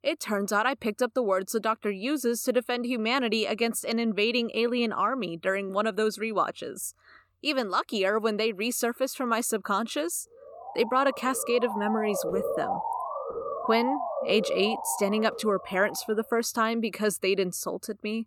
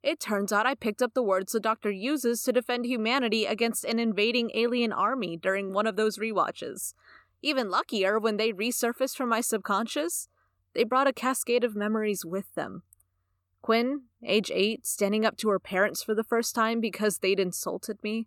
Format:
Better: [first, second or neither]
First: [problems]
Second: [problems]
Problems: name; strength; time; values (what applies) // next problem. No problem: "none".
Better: second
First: siren; noticeable; from 11 to 16 s; peak 2 dB below the speech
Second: none